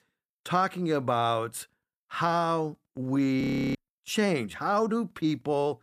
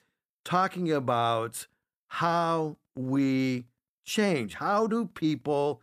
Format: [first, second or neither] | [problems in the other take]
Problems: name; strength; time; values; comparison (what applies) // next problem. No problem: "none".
second | audio freezing; at 3.5 s